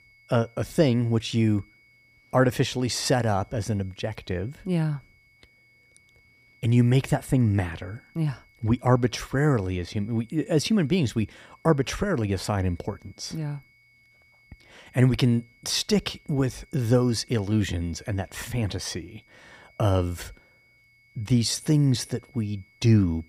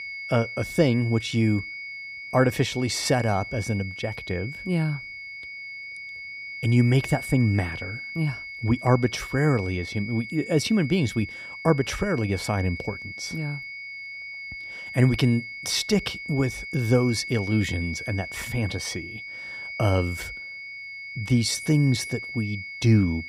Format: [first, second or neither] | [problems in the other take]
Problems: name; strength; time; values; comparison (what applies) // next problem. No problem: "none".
first | high-pitched whine; loud; throughout; 2 kHz, 9 dB below the speech; faint in the first